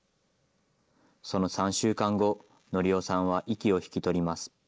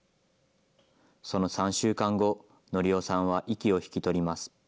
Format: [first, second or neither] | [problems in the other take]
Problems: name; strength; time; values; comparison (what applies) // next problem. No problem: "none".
second | noise reduction (neural mask model Resemble Enhance denoiser)